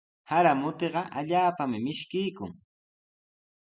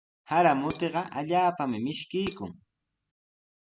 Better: first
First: none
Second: background sound (Dishes, pots, and pans); 17 dB below the speech

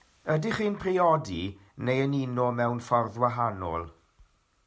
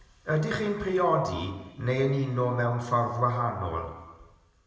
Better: first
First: none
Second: room echo; dies away in 1.2 s

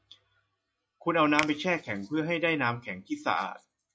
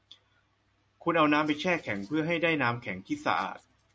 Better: second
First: noise reduction (classical method log-MMSE)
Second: none

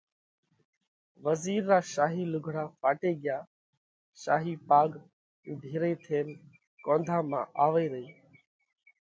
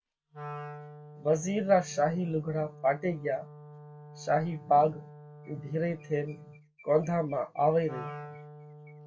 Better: first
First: none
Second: background sound (Wind instrument, woodwind instrument); 16 dB below the speech // room echo; dies away in 0.2 s

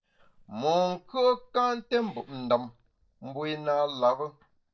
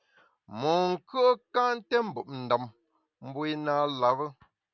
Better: second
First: noise reduction (neural mask model DeepFilterNet 3)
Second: none

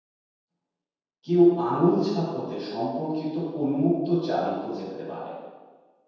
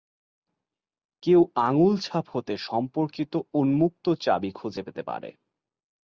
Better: second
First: room echo; dies away in 1.2 s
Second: none

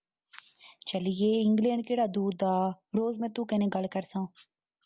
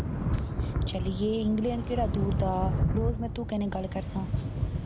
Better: first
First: none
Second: background sound (Thunder / Rain); 2 dB above the speech

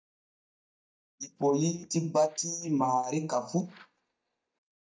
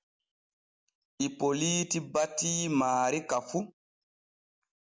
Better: second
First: noise reduction (neural mask model DeepFilterNet 3)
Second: none

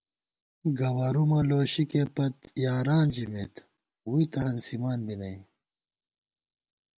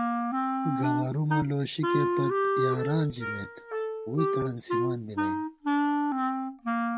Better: first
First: none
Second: background sound (Wind instrument, woodwind instrument); 4 dB above the speech

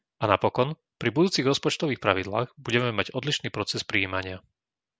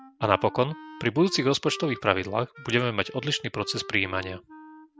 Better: first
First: none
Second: background sound (Wind instrument, woodwind instrument); 17 dB below the speech

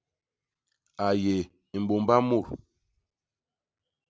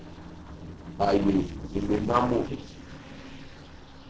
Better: first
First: none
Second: noise reduction (neural separator model SepFormer DNS4)

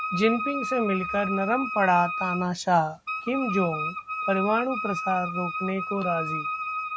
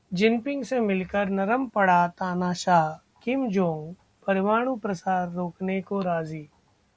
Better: second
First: background sound (Wind instrument, woodwind instrument); 5 dB below the speech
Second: none

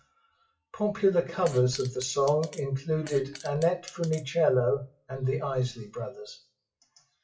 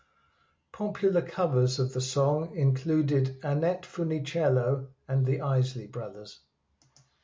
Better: second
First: noise reduction (classical method WPE with log-MMSE)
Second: none

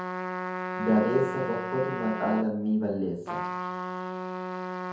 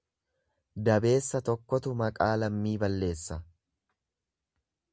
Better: second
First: background sound (Trumpet); 4 dB below the speech // room echo; dies away in 0.6 s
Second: none

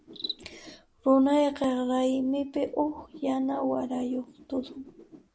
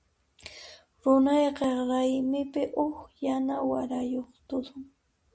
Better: second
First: noise reduction (neural mask model Resemble Enhance denoiser)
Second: none

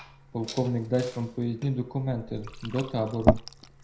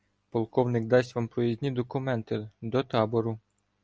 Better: second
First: background sound (Liquid); 2 dB below the speech // room echo; dies away in 0.5 s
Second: none

